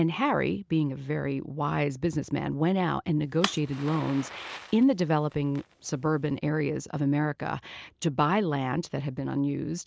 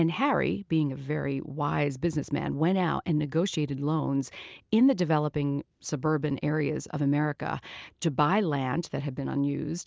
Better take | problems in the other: second | background sound (Fire); 13 dB below the speech

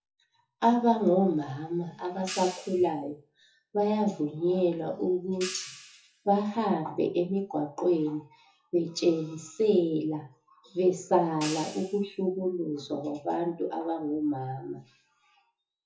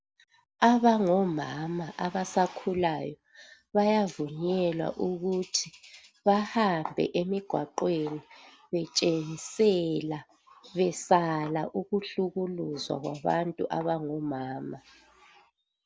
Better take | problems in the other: second | noise reduction (classical method WPE with log-MMSE)

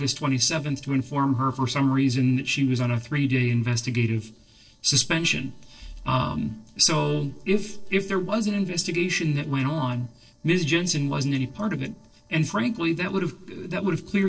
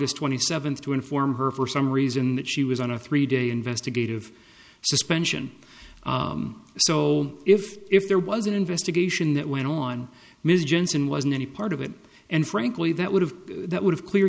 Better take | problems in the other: second | noise reduction (neural separator model SepFormer DNS4)

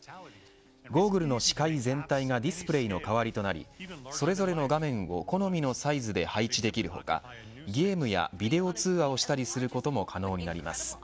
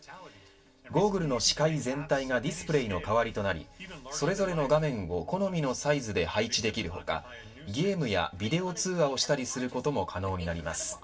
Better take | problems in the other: first | room echo; dies away in 0.1 s

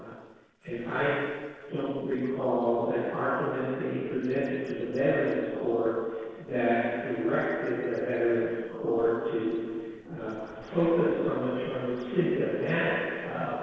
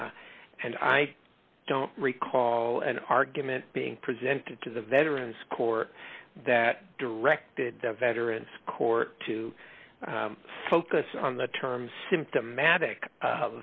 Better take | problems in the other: second | noise reduction (neural separator model SepFormer DNS4)

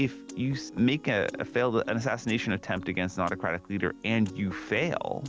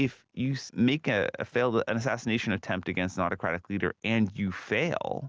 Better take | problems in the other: second | background sound (Piano); 15 dB below the speech

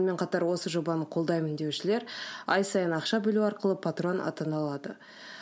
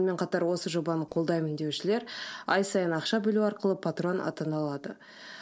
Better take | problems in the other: first | noise reduction (neural separator model SepFormer DNS4)

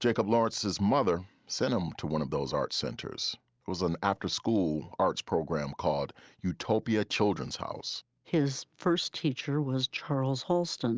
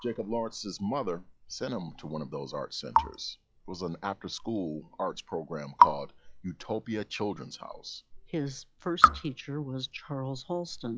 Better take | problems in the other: first | noise reduction (classical method log-MMSE)

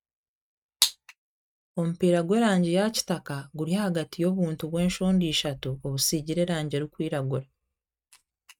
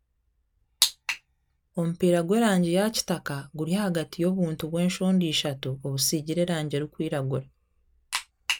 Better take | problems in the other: second | noise reduction (neural mask model RNNoise)

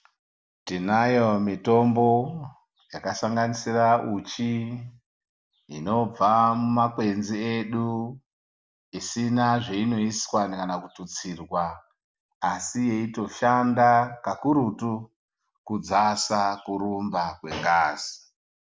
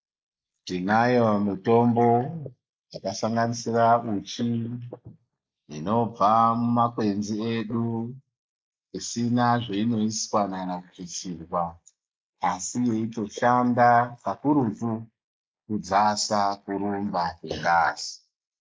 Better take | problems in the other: first | noise reduction (neural mask model Resemble Enhance denoiser)

